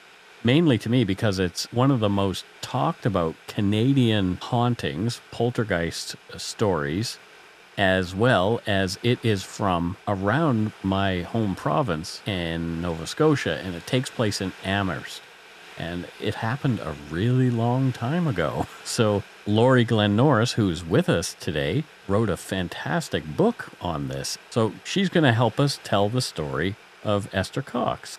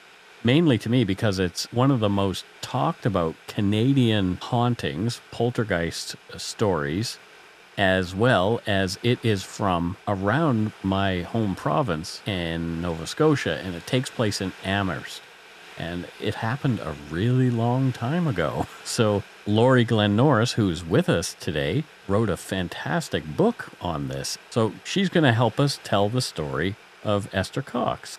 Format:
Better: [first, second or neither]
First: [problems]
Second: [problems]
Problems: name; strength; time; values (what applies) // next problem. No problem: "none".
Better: neither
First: household noises; faint; throughout; 20 dB below the speech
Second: household noises; faint; throughout; 20 dB below the speech